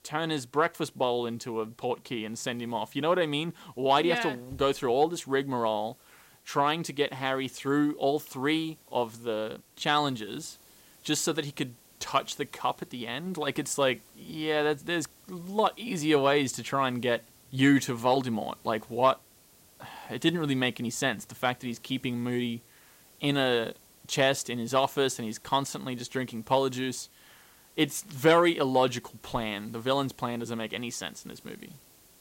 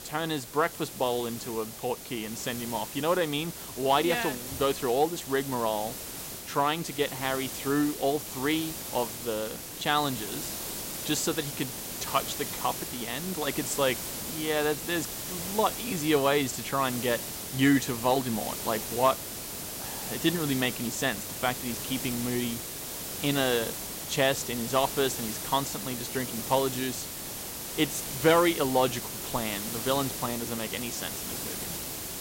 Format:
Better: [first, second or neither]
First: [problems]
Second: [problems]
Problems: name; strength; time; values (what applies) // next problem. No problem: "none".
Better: first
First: hiss; faint; throughout; 25 dB below the speech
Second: hiss; loud; throughout; 5 dB below the speech